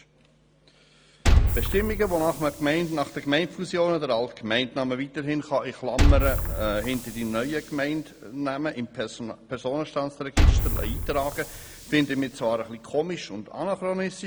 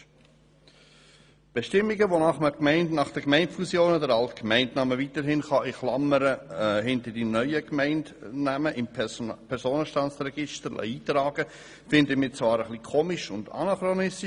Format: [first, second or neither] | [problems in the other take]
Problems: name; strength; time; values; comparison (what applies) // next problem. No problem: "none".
second | background sound (Liquid); 1 dB above the speech